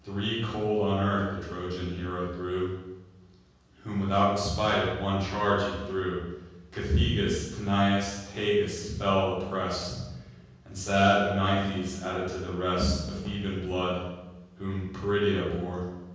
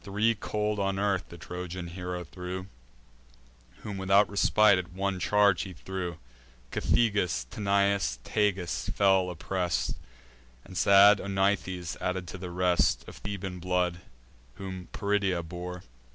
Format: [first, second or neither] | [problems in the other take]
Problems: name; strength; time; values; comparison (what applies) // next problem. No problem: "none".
second | room echo; dies away in 1.3 s